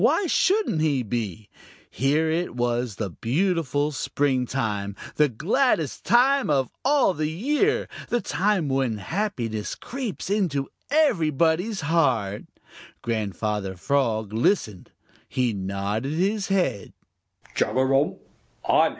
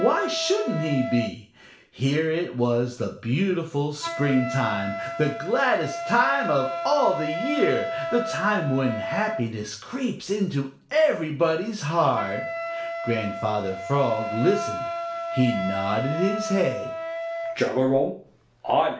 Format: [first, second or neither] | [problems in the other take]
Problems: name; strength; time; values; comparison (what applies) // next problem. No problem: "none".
first | background sound (Wind instrument, woodwind instrument); 7 dB below the speech // room echo; dies away in 0.4 s